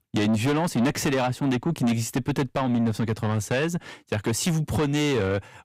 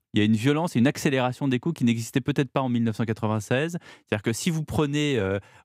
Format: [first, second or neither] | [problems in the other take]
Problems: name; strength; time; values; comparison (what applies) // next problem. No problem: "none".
second | distortion; heavy; 8 dB below the speech